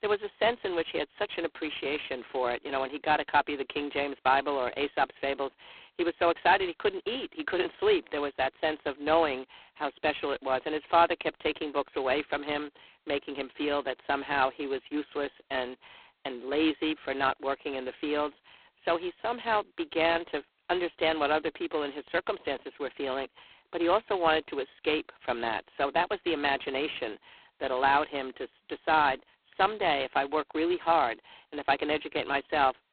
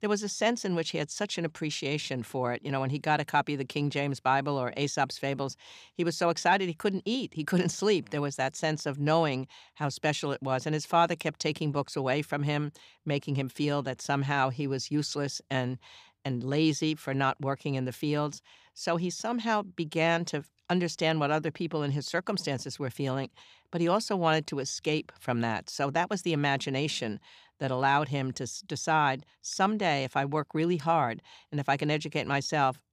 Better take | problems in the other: second | phone-call audio; poor line; nothing above 4 kHz

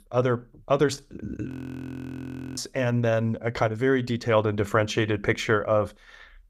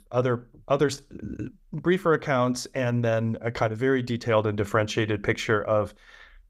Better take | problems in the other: second | audio freezing; at 1.5 s for 1 s

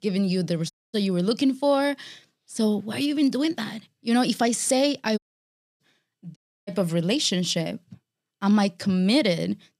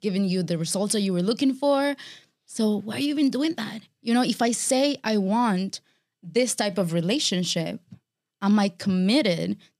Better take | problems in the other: second | audio cutting out; at 0.5 s, at 5 s for 0.5 s and at 6.5 s

